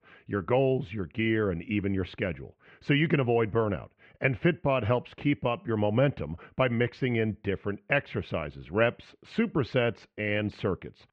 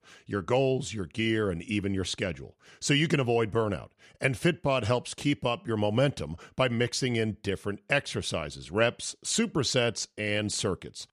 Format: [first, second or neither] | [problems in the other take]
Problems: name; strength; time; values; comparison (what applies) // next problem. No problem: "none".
second | muffled; very; fading above 2.5 kHz